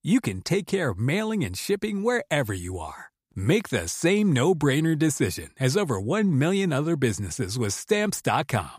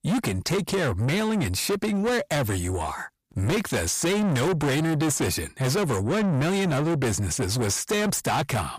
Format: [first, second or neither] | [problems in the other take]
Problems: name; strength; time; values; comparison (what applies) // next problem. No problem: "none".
first | distortion; heavy; 6 dB below the speech